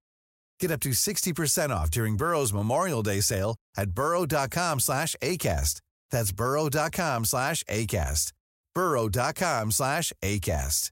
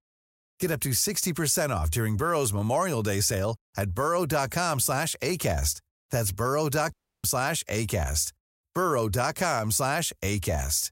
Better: first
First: none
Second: audio cutting out; at 7 s

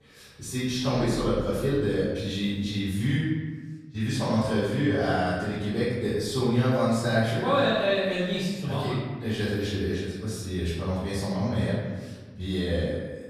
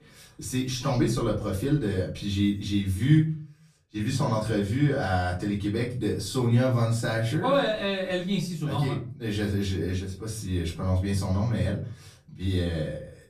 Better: second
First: room echo; strong; dies away in 1.2 s // off-mic speech; far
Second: room echo; slight; dies away in 0.4 s // off-mic speech; far

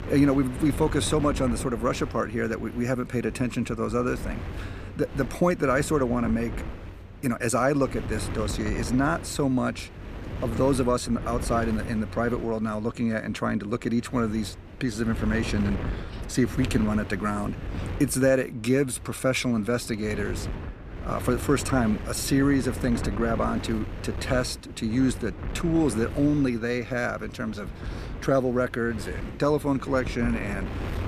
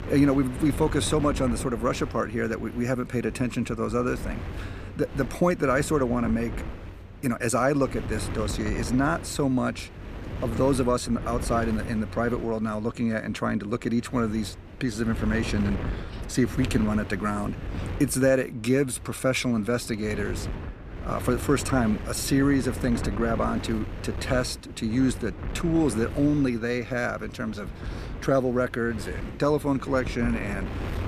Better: neither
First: wind noise on the microphone; occasional gusts; 15 dB below the speech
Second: wind noise on the microphone; occasional gusts; 15 dB below the speech

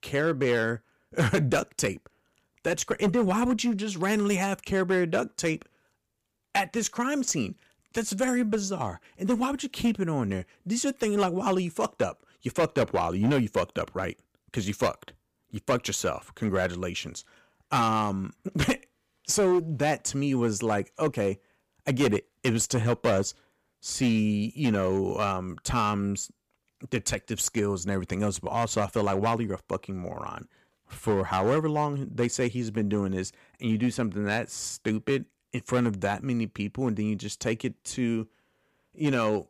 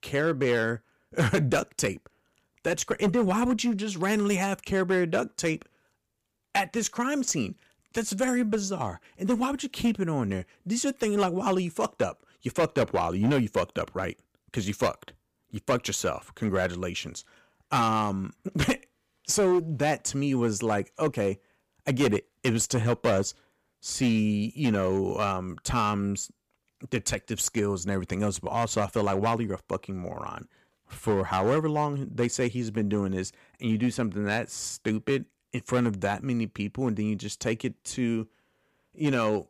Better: neither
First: distortion; slight; 4% of the sound clipped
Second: distortion; slight; 4% of the sound clipped

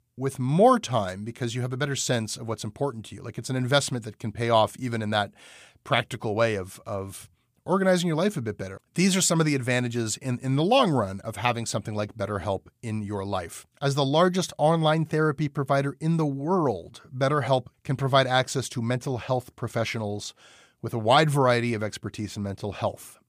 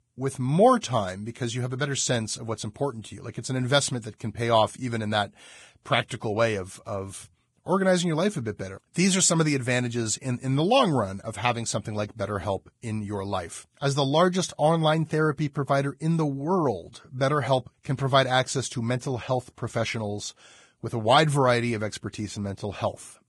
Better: first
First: none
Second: garbled, watery; badly

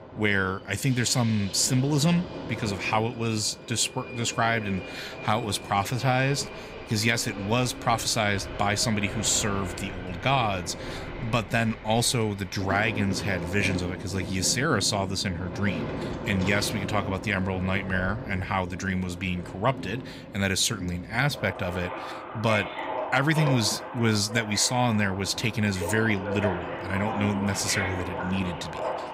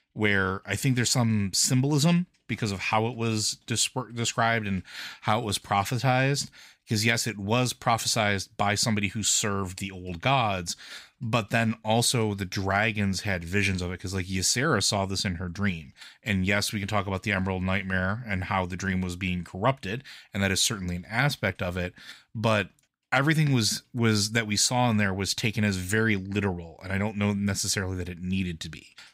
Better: second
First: train or aircraft noise; loud; throughout; 9 dB below the speech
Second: none

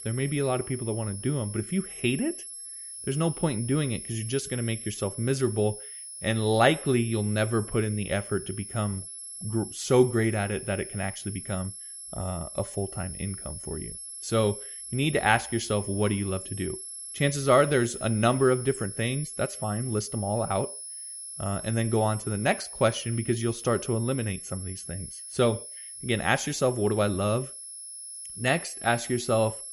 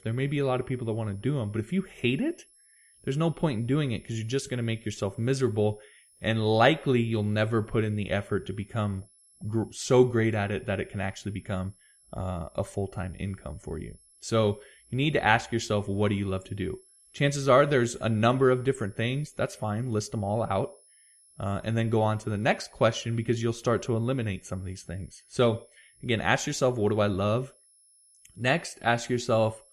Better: second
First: high-pitched whine; loud; throughout; 11 kHz, 10 dB below the speech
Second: high-pitched whine; faint; throughout; 11 kHz, 30 dB below the speech

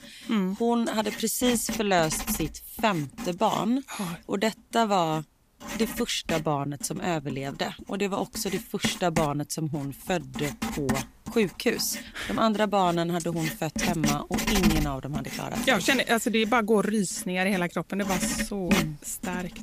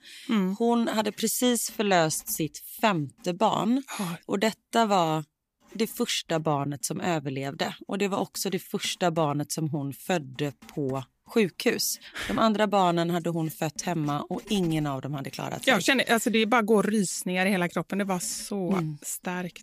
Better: second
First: household noises; loud; throughout; 6 dB below the speech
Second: household noises; faint; throughout; 25 dB below the speech

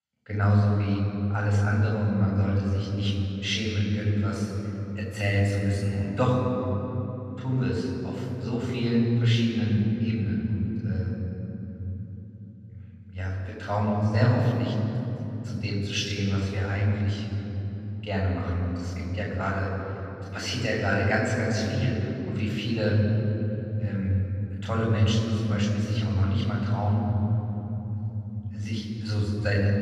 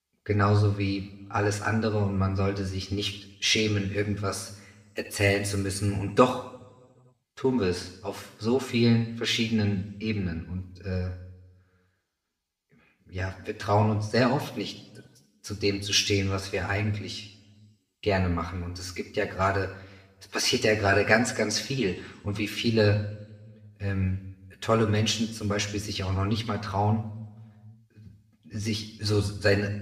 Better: second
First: room echo; strong; dies away in 3 s // off-mic speech; far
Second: room echo; slight; dies away in 0.7 s

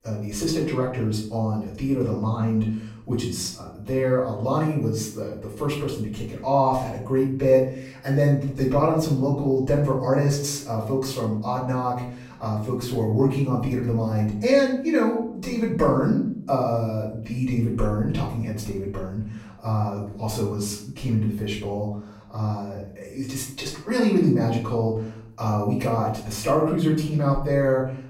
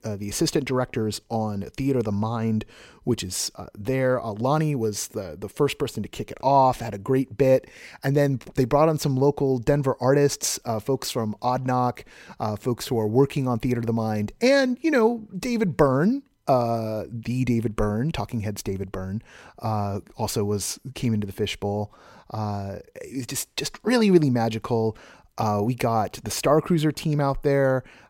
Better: second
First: off-mic speech; far // room echo; noticeable; dies away in 0.6 s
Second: none

